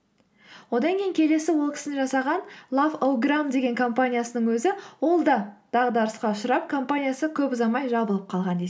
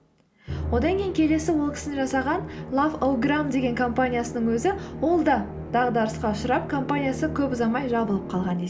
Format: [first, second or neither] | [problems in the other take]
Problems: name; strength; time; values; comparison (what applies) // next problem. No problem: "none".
first | background sound (Musical instrument); 9 dB below the speech